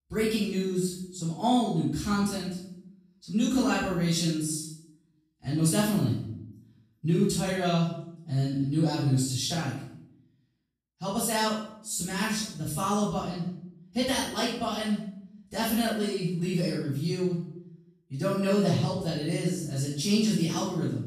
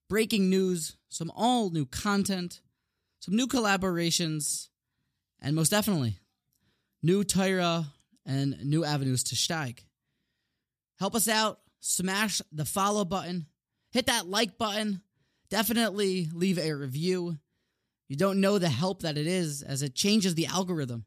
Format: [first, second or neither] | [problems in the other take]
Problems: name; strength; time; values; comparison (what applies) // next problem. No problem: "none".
second | off-mic speech; far // room echo; noticeable; dies away in 0.6 s